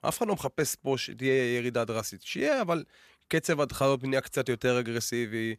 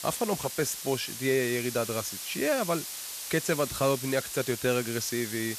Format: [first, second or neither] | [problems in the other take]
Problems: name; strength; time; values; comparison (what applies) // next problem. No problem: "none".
first | hiss; loud; throughout; 6 dB below the speech